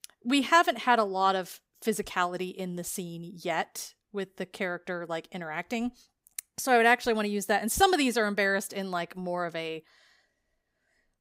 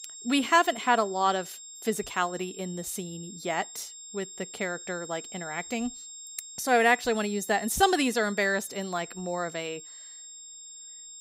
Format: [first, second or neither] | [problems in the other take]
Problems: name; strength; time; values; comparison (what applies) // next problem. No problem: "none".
first | high-pitched whine; noticeable; throughout; 7.5 kHz, 15 dB below the speech